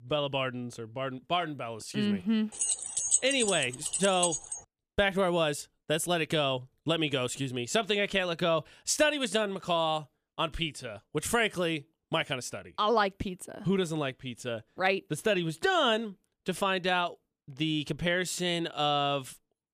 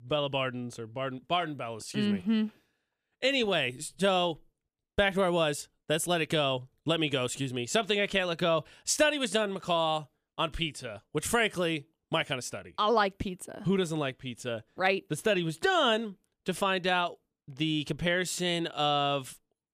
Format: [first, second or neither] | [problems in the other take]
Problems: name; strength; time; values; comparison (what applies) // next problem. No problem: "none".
second | jangling keys; loud; from 2.5 to 4.5 s; peak 4 dB above the speech